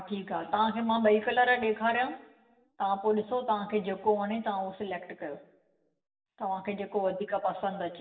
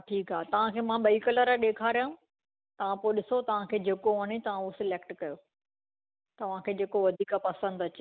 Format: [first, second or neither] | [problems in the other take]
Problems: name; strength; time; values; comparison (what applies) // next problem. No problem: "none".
second | room echo; dies away in 0.9 s